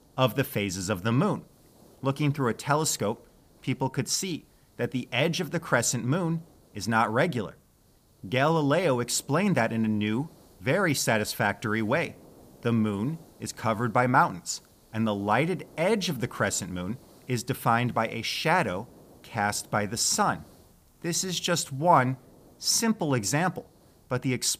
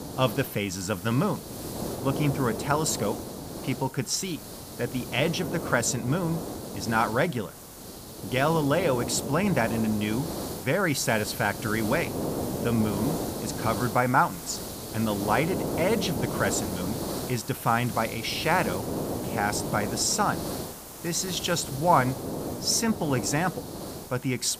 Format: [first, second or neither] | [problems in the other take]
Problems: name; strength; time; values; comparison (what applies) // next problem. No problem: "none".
first | hiss; loud; throughout; 7 dB below the speech; faint in the first